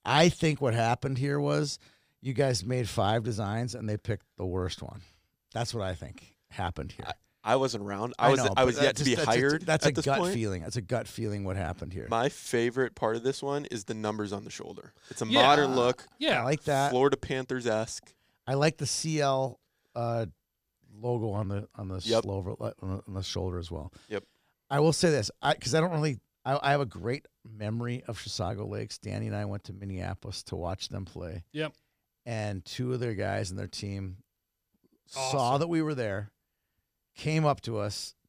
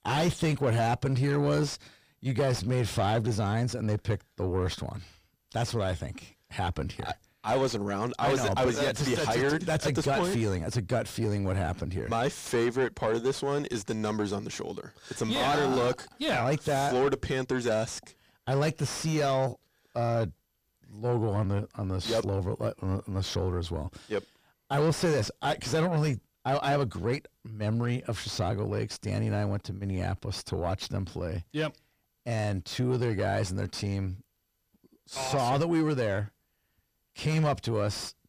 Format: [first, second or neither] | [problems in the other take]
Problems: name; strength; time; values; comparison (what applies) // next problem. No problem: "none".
first | distortion; heavy; 6 dB below the speech